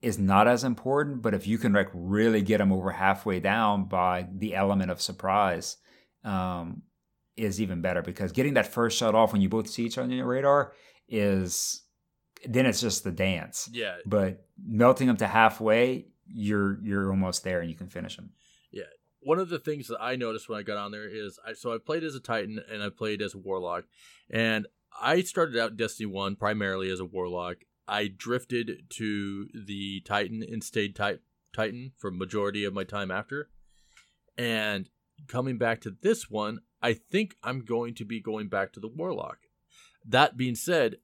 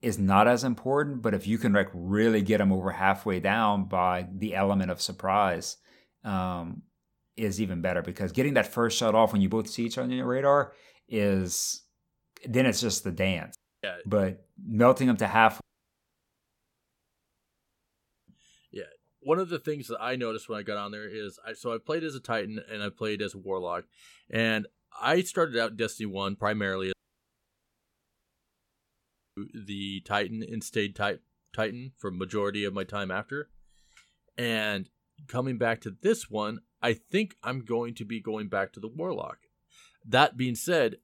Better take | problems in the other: first | audio cutting out; at 14 s, at 16 s for 2.5 s and at 27 s for 2.5 s

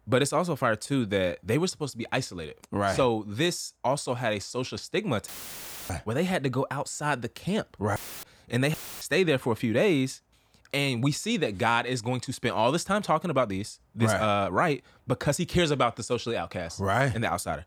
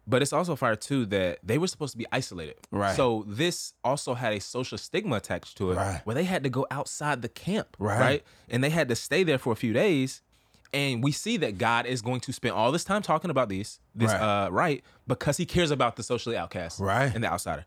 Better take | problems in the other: second | audio cutting out; filled with static; at 5.5 s for 0.5 s, at 8 s and at 8.5 s

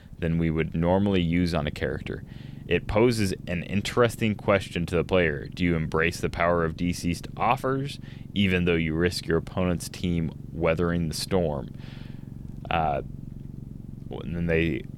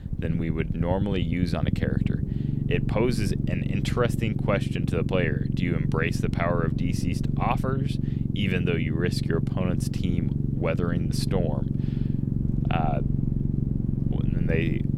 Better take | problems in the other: first | low rumble; loud; throughout; 5 dB below the speech; faint in the first

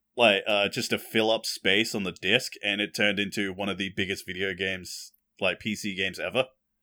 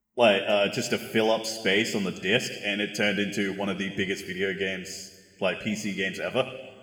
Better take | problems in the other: first | room echo; slight; dies away in 1.6 s

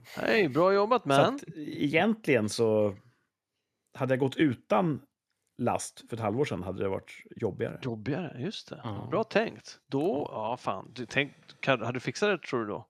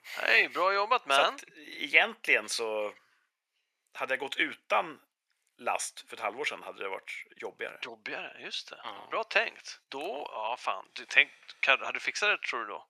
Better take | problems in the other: first | thin; very; fading below 800 Hz

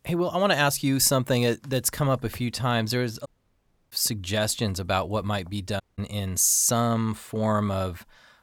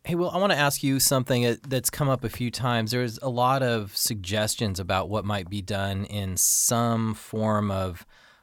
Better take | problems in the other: second | audio cutting out; at 3.5 s for 0.5 s and at 6 s

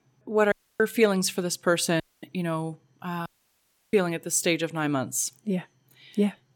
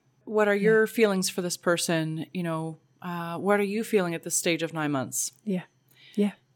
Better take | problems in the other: second | audio cutting out; at 0.5 s, at 2 s and at 3.5 s for 0.5 s

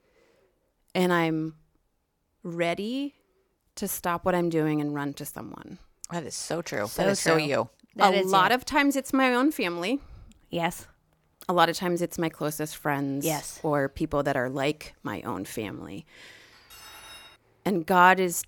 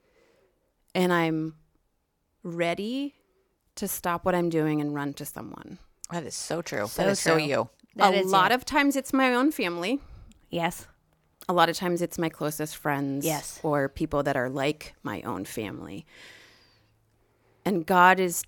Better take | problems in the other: second | clattering dishes; faint; at 17 s; peak 15 dB below the speech

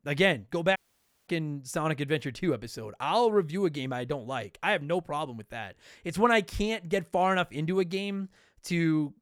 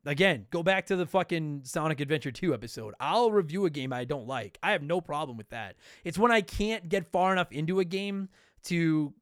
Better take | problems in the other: second | audio cutting out; at 1 s for 0.5 s

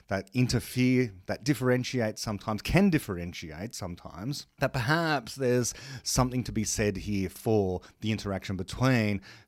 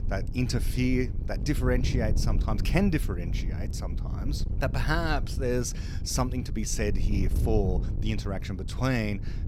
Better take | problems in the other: first | wind noise on the microphone; occasional gusts; 15 dB below the speech

